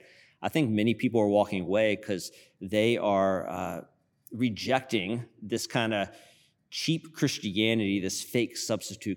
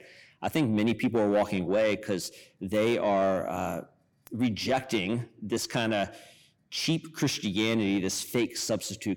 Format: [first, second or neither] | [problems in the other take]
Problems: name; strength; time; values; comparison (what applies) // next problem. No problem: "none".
first | distortion; slight; 10 dB below the speech